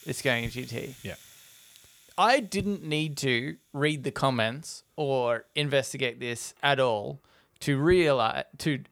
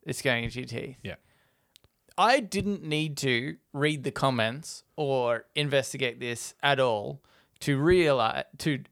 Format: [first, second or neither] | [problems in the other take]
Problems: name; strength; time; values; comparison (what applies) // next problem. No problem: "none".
second | household noises; faint; throughout; 25 dB below the speech